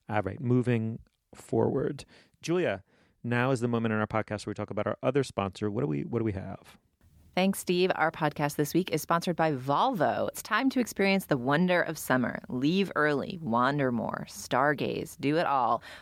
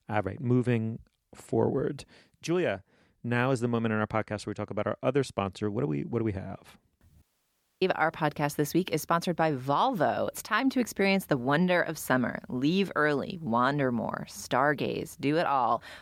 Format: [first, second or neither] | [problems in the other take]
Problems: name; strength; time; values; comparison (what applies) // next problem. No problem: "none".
first | audio cutting out; at 7 s for 0.5 s